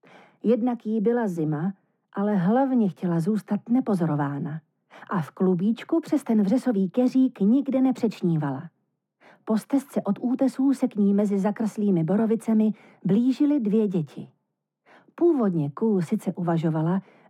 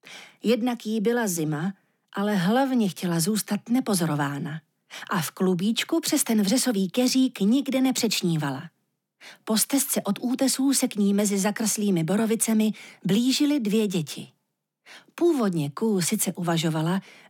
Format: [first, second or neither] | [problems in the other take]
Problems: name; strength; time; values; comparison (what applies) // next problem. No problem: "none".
second | muffled; very; fading above 2 kHz